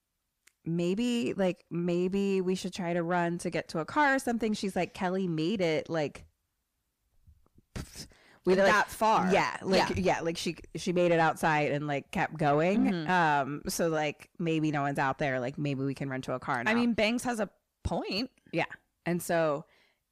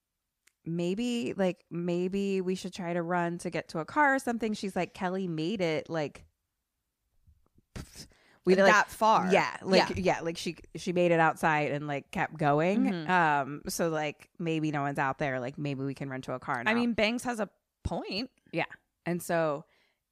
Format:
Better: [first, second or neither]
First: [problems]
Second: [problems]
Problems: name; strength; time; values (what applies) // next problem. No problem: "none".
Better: second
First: distortion; slight; 10 dB below the speech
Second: none